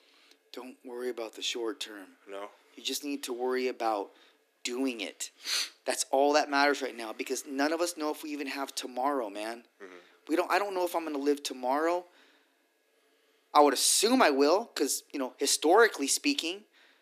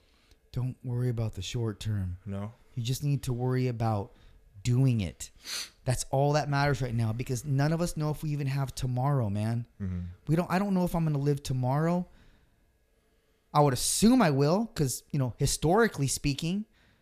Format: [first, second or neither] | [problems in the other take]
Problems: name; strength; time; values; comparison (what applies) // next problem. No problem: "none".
second | thin; somewhat; fading below 250 Hz